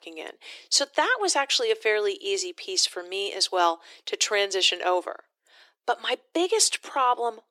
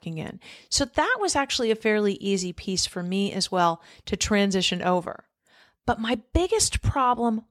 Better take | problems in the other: second | thin; very; fading below 350 Hz

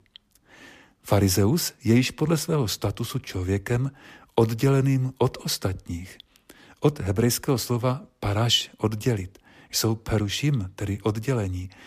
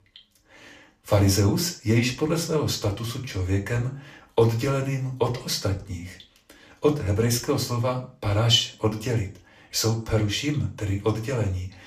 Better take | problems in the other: first | room echo; slight; dies away in 0.3 s // off-mic speech; somewhat distant

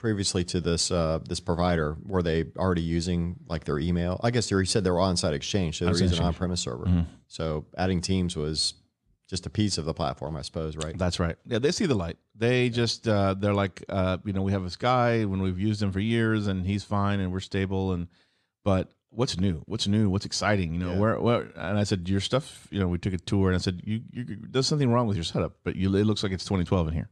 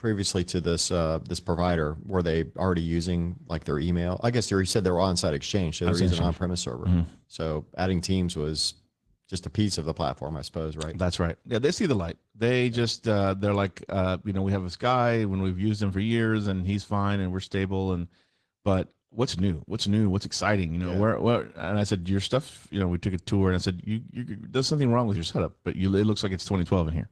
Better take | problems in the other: first | garbled, watery; slightly

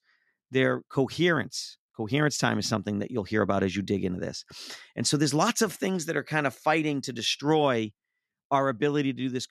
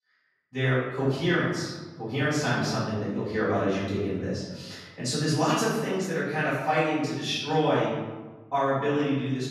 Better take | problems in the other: first | room echo; strong; dies away in 1.2 s // off-mic speech; far

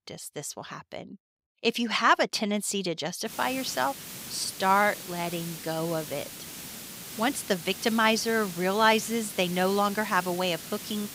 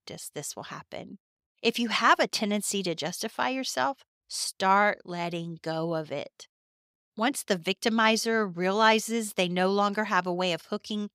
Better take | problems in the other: second | hiss; noticeable; from 3.5 s on; 10 dB below the speech

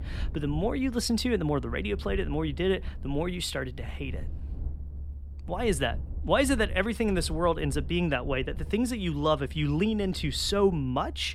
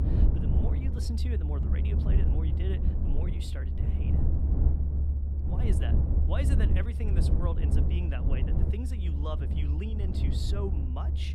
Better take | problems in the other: first | low rumble; loud; throughout; as loud as the speech; faint in the first

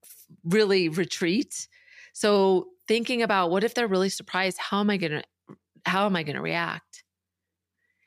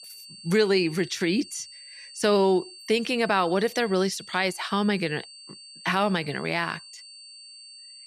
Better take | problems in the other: first | high-pitched whine; noticeable; throughout; 4.5 kHz, 20 dB below the speech

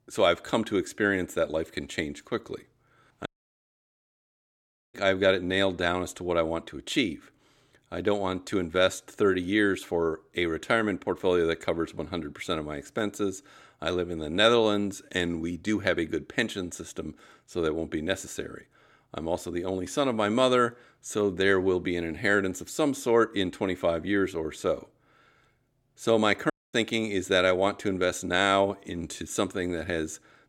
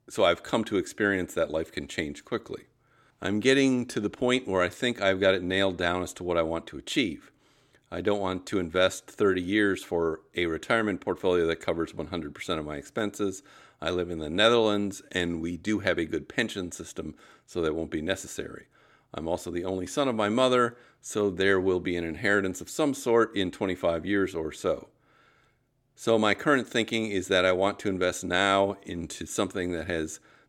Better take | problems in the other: second | audio cutting out; at 3.5 s for 1.5 s and at 27 s

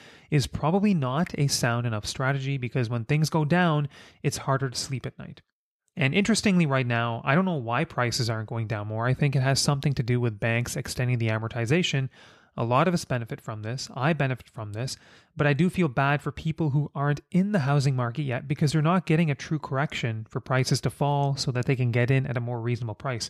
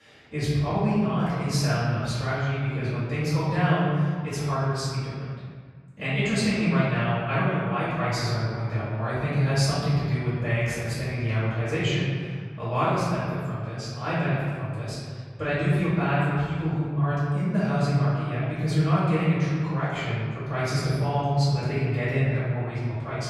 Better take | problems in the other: first | room echo; strong; dies away in 1.7 s // off-mic speech; far

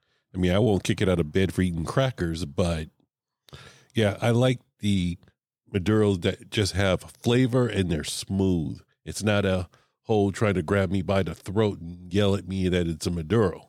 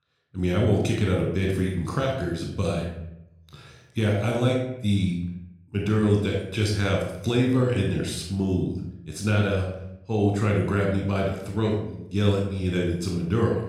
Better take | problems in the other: first | off-mic speech; somewhat distant // room echo; noticeable; dies away in 0.7 s

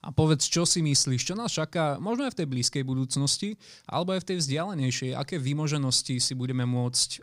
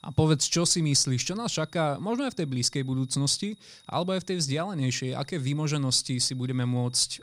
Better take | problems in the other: first | high-pitched whine; faint; throughout; 4 kHz, 30 dB below the speech

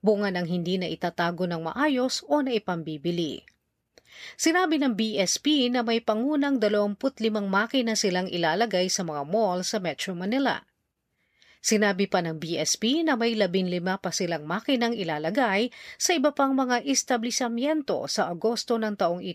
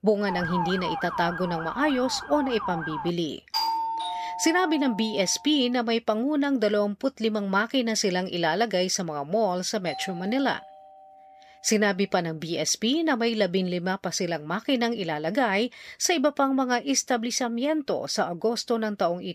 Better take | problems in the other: first | siren; noticeable; until 3 s; peak 4 dB below the speech // doorbell; noticeable; from 3.5 to 5 s; peak level with the speech // doorbell; faint; from 10 to 12 s; peak 10 dB below the speech

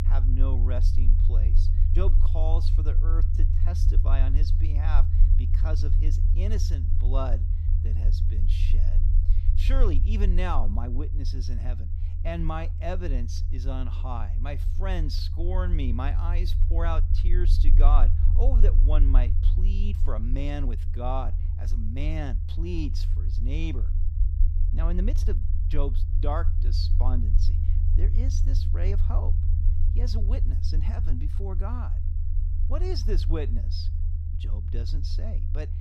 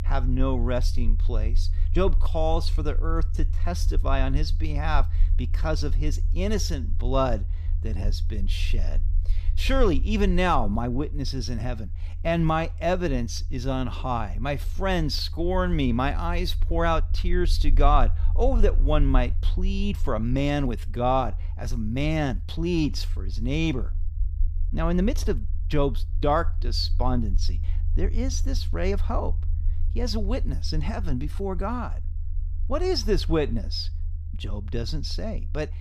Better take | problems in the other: second | low rumble; loud; throughout; 8 dB below the speech; faint in the second

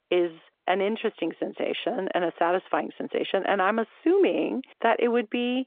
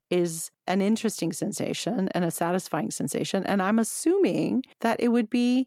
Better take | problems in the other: second | phone-call audio; nothing above 3.5 kHz

